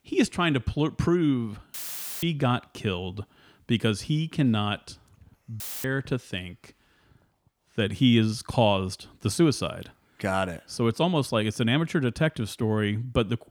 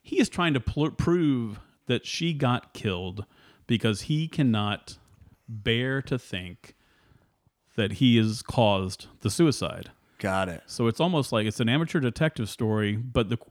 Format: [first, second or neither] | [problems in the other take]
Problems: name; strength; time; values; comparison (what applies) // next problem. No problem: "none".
second | audio cutting out; filled with static; at 1.5 s and at 5.5 s